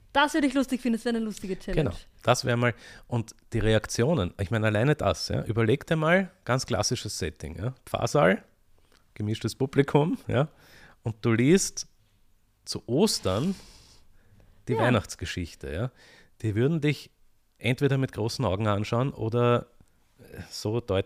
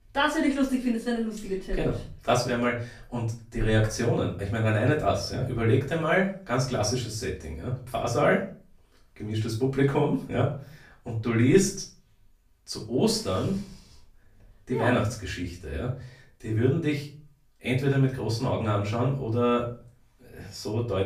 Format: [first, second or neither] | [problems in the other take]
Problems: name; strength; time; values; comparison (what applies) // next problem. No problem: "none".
first | off-mic speech; far // room echo; slight; dies away in 0.3 s